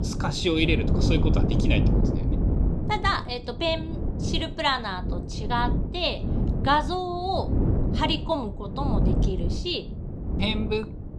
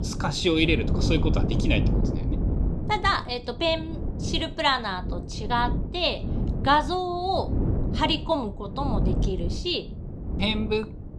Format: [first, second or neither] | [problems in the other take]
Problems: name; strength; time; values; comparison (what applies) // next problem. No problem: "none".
second | wind noise on the microphone; heavy; 9 dB below the speech; occasional gusts in the second